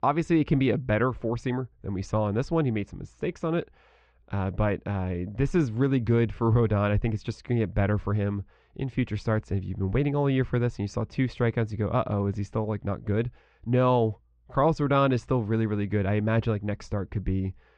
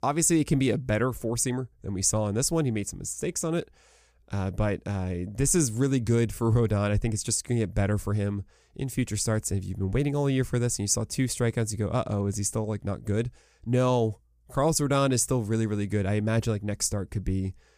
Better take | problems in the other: second | muffled; very; fading above 3.5 kHz

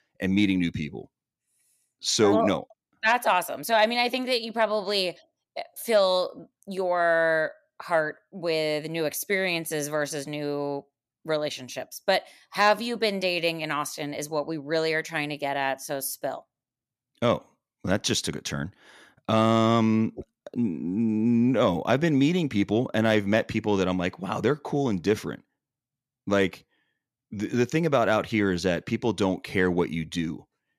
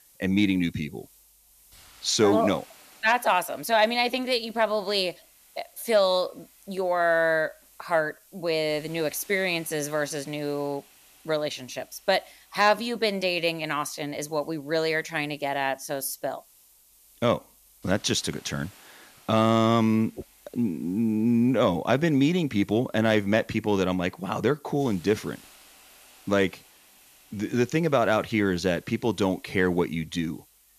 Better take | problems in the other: first | hiss; faint; throughout; 25 dB below the speech

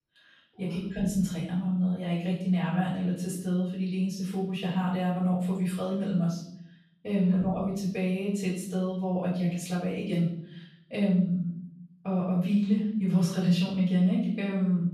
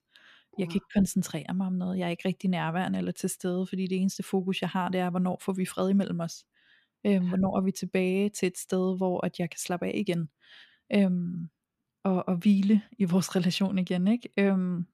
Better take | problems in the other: second | off-mic speech; far // room echo; noticeable; dies away in 0.7 s

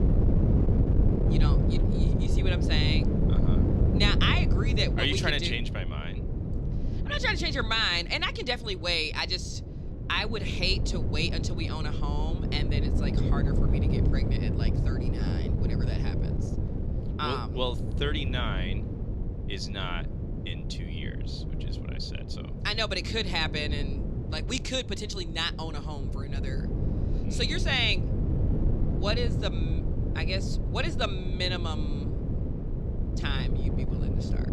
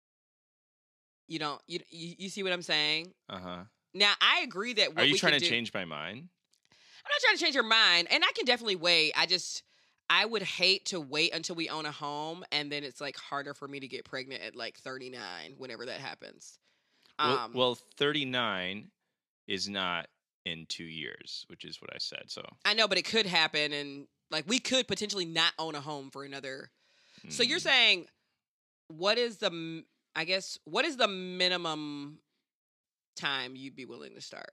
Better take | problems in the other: second | wind noise on the microphone; heavy; 9 dB below the speech

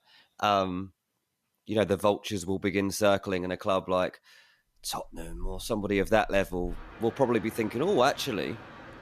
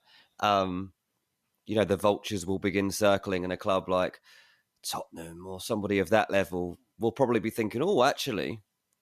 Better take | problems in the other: second | animal sounds; noticeable; from 5 s on; 20 dB below the speech

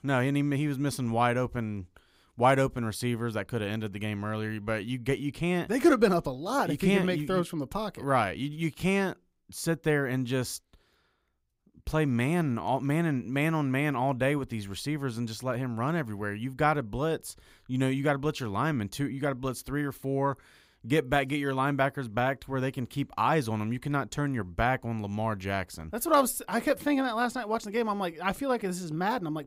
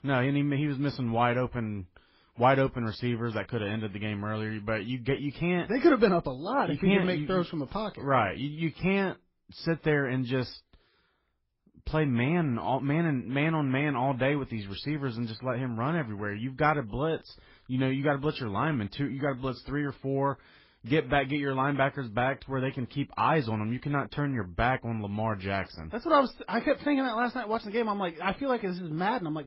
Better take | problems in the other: first | garbled, watery; badly; nothing above 5.5 kHz

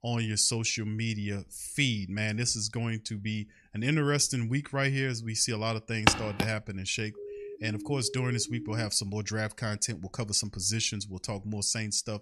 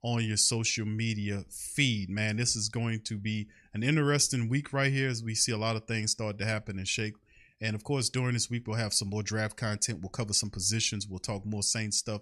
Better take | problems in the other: second | footsteps; loud; at 6 s; peak 4 dB above the speech // siren; faint; from 7 to 9 s; peak 10 dB below the speech

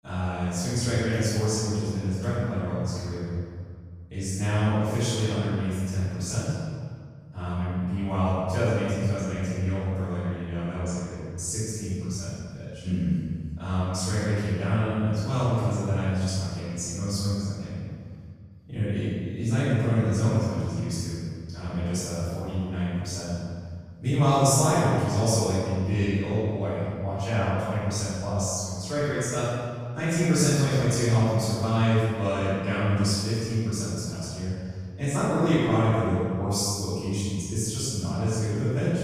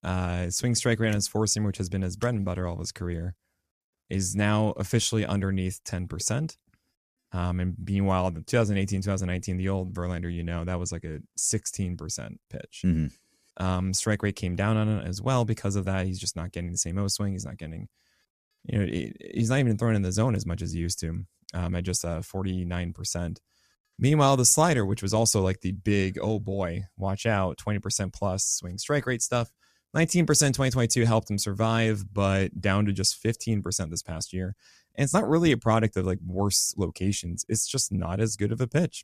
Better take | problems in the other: second | room echo; strong; dies away in 1.8 s // off-mic speech; far

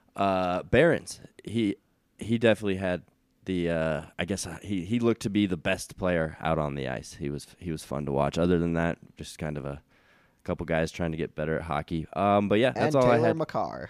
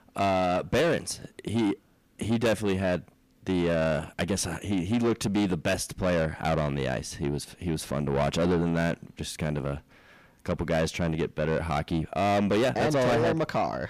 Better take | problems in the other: first | distortion; heavy; 7 dB below the speech

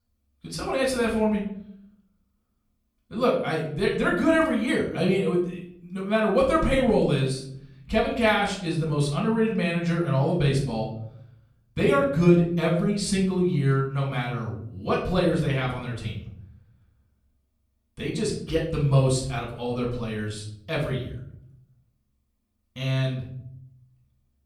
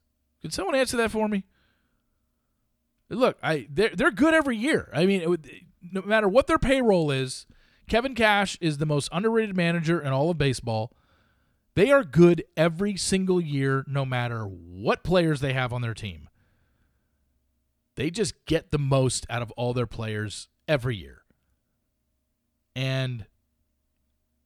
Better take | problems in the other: second | off-mic speech; far // room echo; noticeable; dies away in 0.7 s

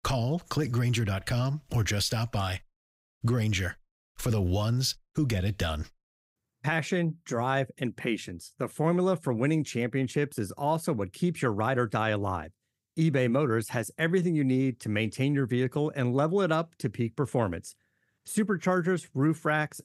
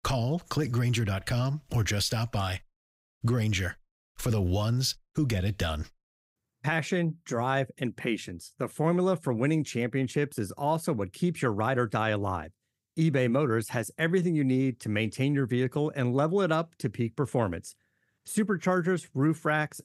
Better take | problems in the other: neither | none

